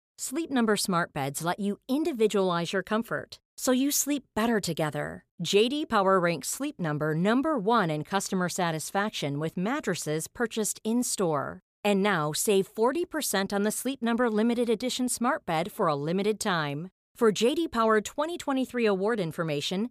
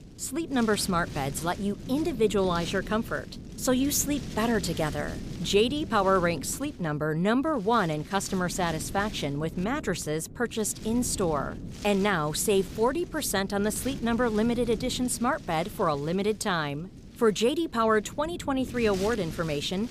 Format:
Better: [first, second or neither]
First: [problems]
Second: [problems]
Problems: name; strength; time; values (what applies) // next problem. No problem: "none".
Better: first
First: none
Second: wind noise on the microphone; occasional gusts; 15 dB below the speech